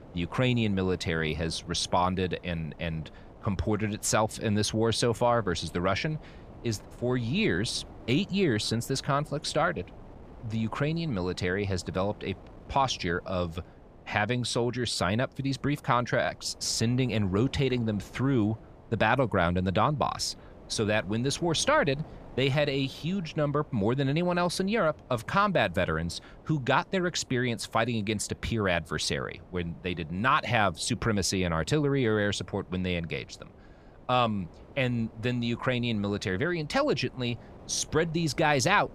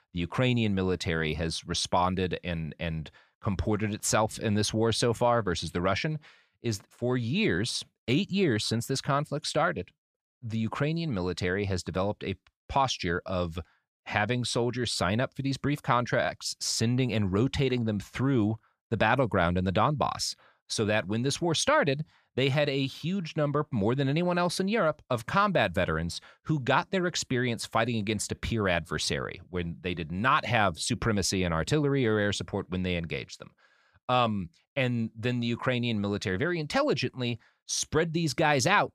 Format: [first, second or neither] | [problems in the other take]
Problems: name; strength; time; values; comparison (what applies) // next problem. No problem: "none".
second | wind noise on the microphone; occasional gusts; 25 dB below the speech